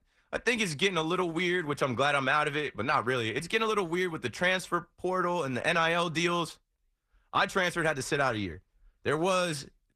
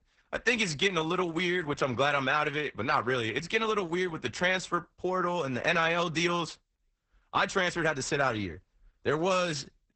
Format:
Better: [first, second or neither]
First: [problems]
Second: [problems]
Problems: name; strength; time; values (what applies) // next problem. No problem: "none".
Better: first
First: garbled, watery; slightly; nothing above 14 kHz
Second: garbled, watery; badly; nothing above 8 kHz